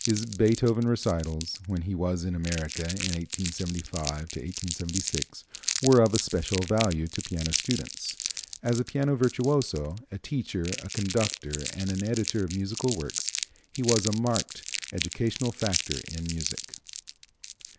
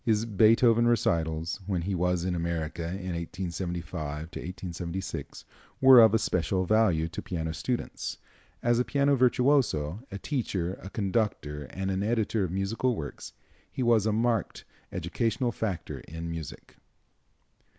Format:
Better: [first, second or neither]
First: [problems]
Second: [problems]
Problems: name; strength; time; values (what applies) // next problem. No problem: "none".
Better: second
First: background sound (Crumpling, crinkling); 7 dB below the speech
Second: none